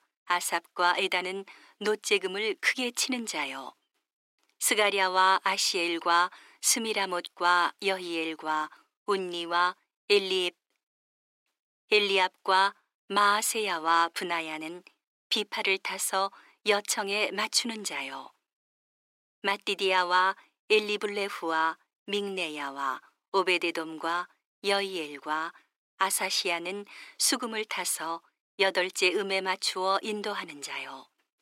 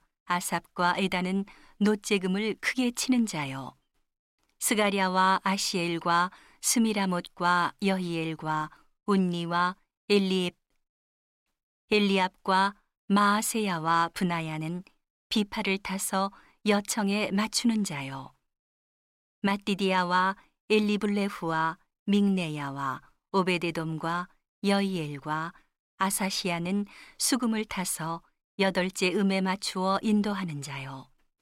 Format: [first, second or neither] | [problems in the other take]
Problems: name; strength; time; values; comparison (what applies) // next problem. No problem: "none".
second | thin; very; fading below 350 Hz